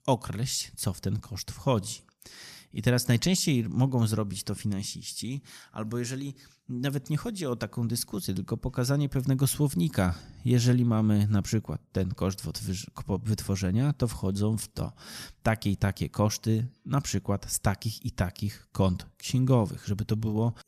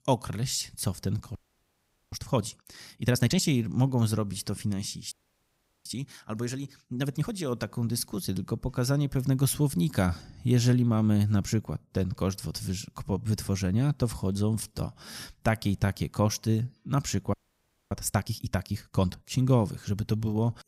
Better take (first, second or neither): first